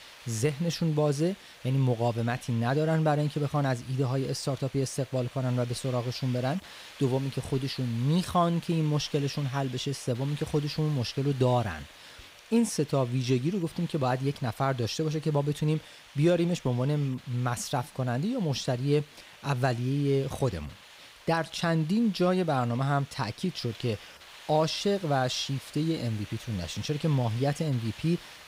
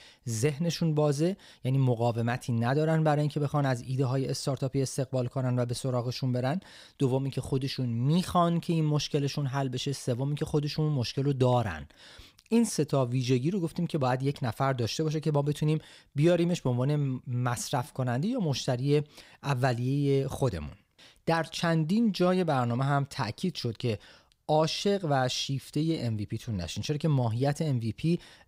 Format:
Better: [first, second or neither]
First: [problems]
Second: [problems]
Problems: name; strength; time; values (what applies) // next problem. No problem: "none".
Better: second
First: hiss; noticeable; throughout; 20 dB below the speech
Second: none